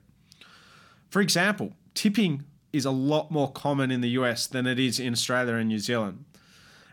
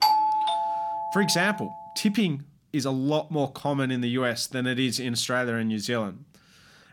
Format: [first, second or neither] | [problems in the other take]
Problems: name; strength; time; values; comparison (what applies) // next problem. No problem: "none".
first | doorbell; loud; until 1.5 s; peak 6 dB above the speech